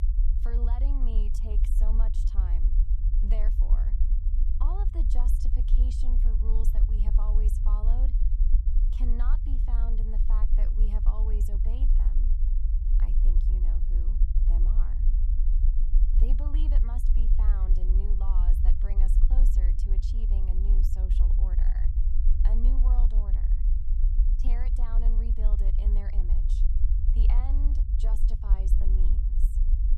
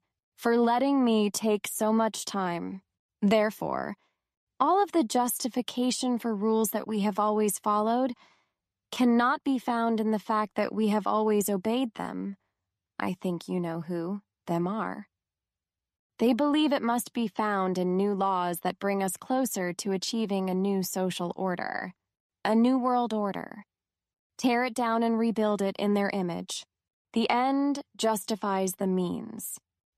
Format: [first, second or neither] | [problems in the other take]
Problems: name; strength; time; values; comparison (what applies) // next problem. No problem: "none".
second | low rumble; loud; throughout; 2 dB below the speech